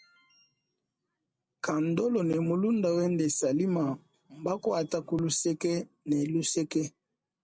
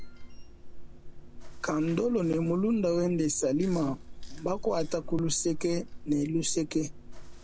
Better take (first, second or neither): first